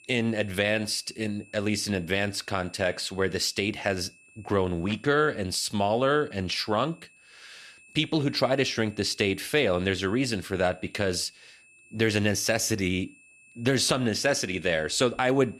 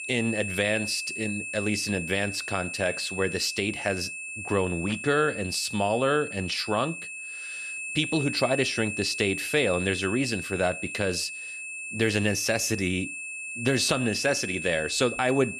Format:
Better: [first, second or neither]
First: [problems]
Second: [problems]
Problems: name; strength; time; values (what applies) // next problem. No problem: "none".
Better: first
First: high-pitched whine; faint; throughout; 2.5 kHz, 25 dB below the speech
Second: high-pitched whine; loud; throughout; 2.5 kHz, 6 dB below the speech